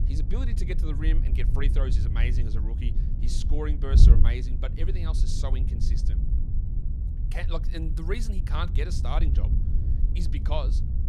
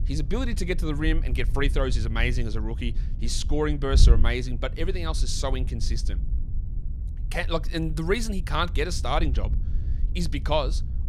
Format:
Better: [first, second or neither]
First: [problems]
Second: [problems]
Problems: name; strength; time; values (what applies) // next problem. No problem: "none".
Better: second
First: wind noise on the microphone; heavy; 6 dB below the speech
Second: wind noise on the microphone; occasional gusts; 20 dB below the speech